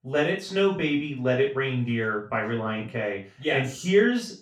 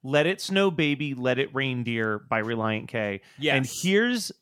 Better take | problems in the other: second | room echo; noticeable; dies away in 0.3 s // off-mic speech; far

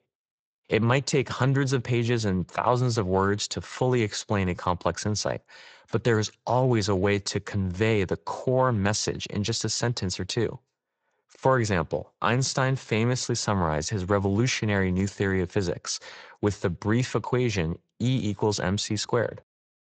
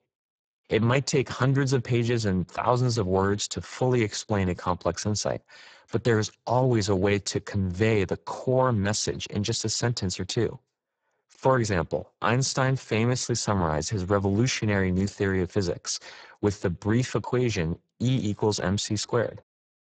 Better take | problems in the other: first | garbled, watery; badly; nothing above 7.5 kHz; slightly in the first

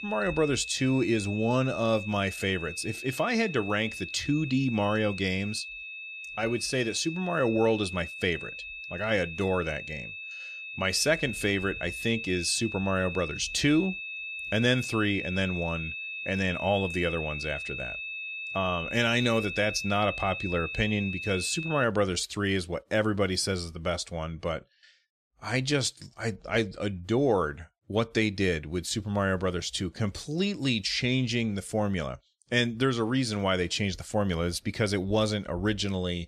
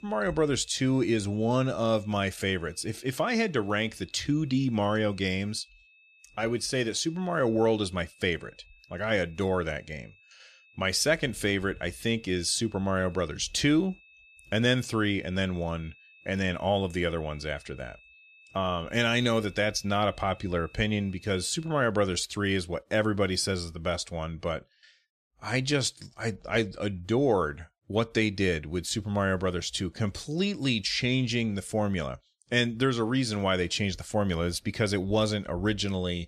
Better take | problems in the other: second | high-pitched whine; loud; until 22 s; 2.5 kHz, 7 dB below the speech; faint in the second

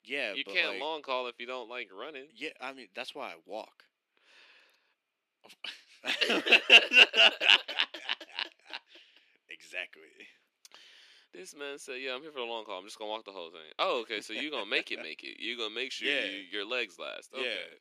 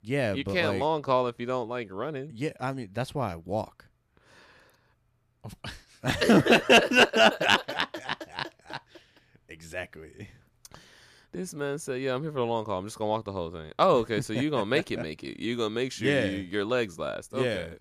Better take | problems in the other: second | thin; somewhat; fading below 300 Hz

